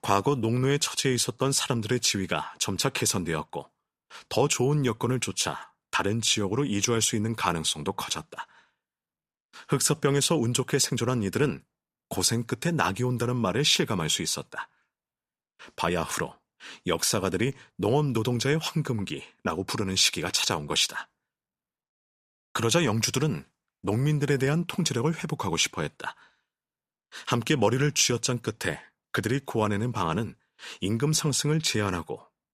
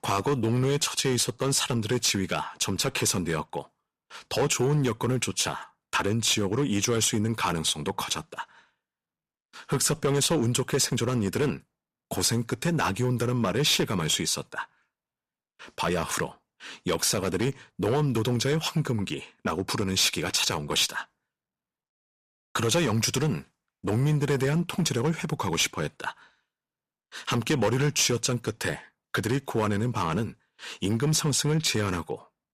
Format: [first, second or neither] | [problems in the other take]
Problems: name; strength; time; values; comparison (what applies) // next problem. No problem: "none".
first | distortion; slight; 5% of the sound clipped